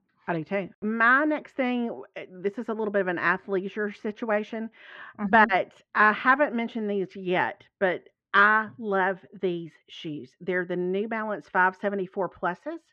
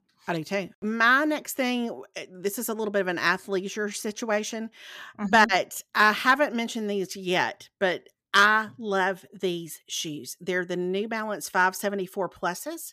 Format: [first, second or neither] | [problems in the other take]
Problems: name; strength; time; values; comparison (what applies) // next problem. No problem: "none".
second | muffled; very; fading above 2.5 kHz